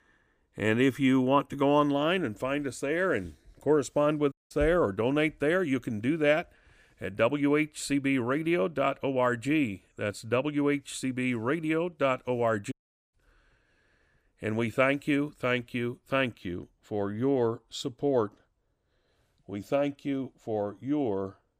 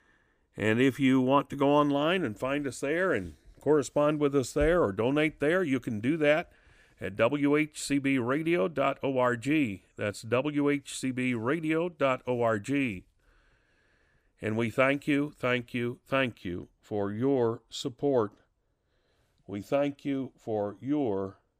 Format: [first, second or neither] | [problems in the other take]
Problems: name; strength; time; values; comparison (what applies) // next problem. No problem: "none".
second | audio cutting out; at 4.5 s and at 13 s